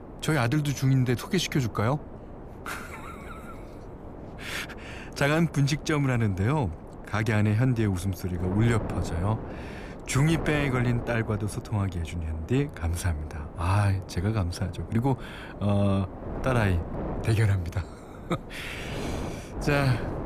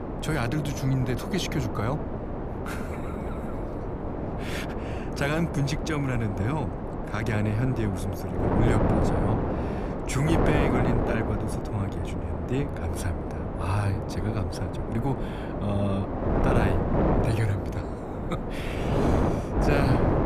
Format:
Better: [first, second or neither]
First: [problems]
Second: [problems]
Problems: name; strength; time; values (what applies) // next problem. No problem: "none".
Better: first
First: wind noise on the microphone; occasional gusts; 10 dB below the speech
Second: wind noise on the microphone; heavy; 2 dB above the speech